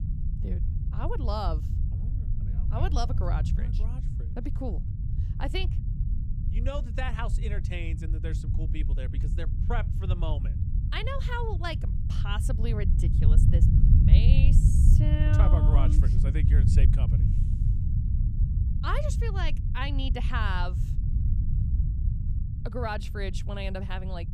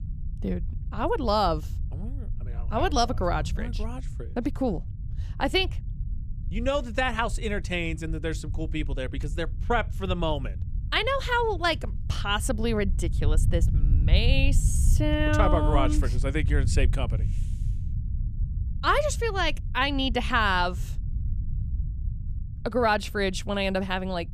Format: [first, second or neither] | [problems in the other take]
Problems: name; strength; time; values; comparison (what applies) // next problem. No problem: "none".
second | low rumble; loud; throughout; 6 dB below the speech; faint in the second